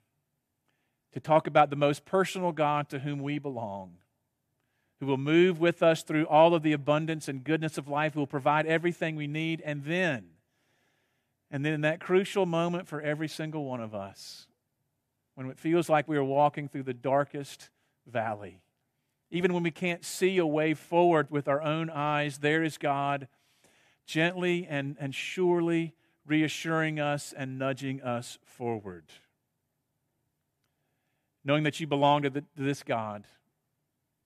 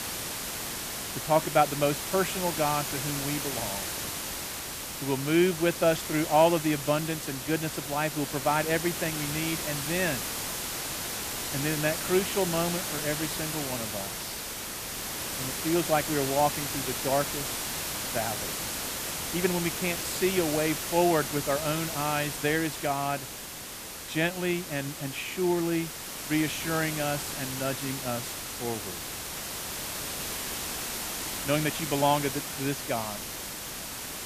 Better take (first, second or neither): first